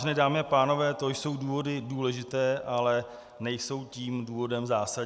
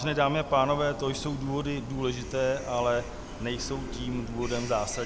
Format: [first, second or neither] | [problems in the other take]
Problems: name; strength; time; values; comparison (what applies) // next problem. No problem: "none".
first | background sound (Train); 10 dB below the speech